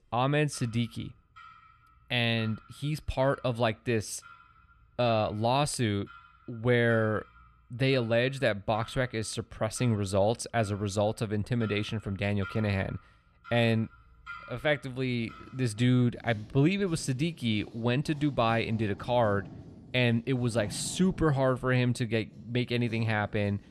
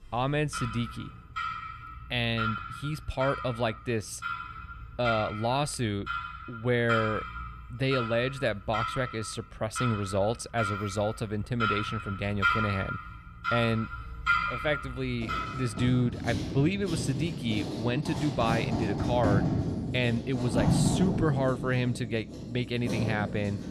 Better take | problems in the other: first | household noises; loud; throughout; 3 dB below the speech; faint in the first

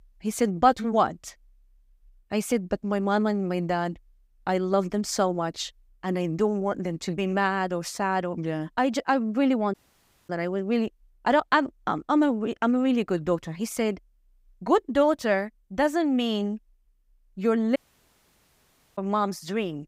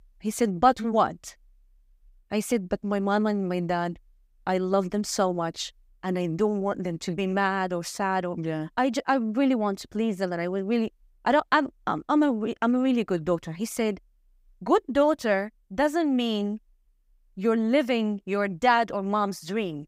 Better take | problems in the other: second | audio cutting out; at 9.5 s for 0.5 s and at 18 s for 1 s

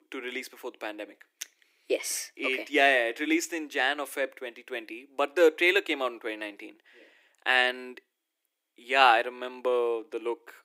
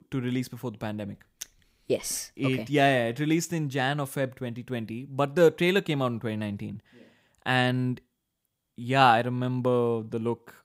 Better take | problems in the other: second | thin; very; fading below 300 Hz

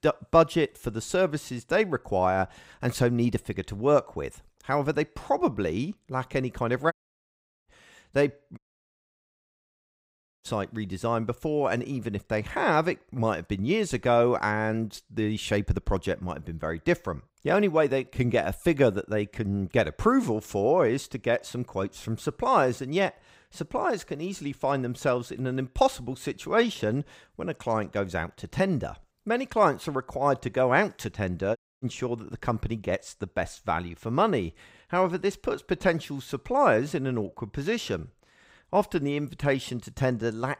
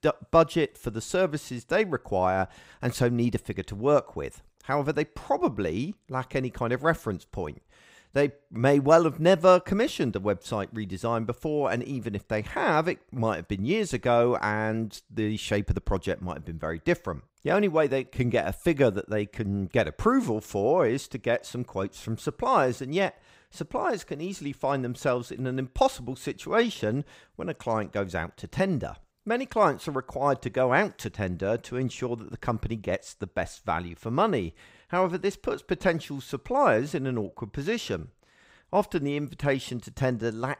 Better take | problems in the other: second | audio cutting out; at 7 s for 0.5 s, at 8.5 s for 2 s and at 32 s

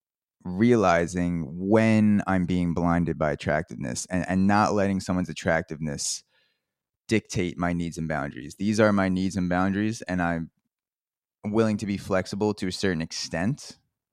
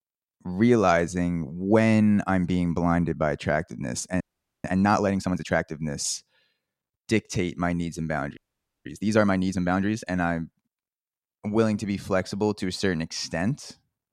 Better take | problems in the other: first | audio freezing; at 4 s and at 8.5 s

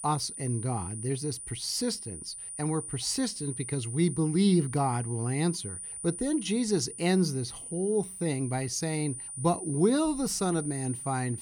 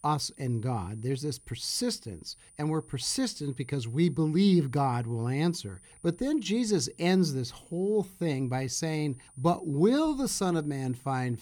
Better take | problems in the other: second | high-pitched whine; loud; throughout; 9.5 kHz, 8 dB below the speech; faint in the second

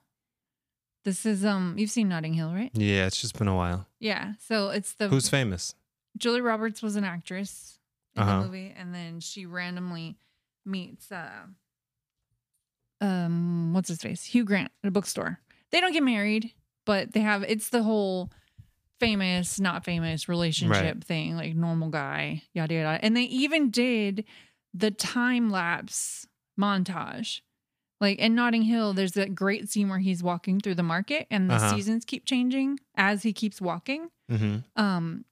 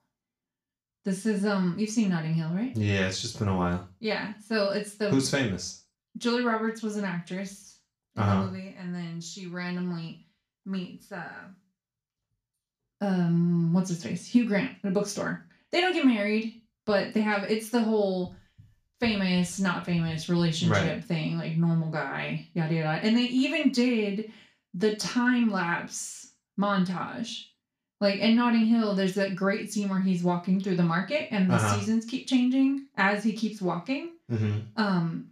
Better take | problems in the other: first | room echo; slight; dies away in 0.3 s // off-mic speech; somewhat distant

